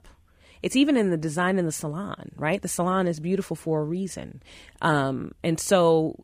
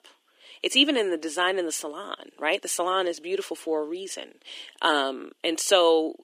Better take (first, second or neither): first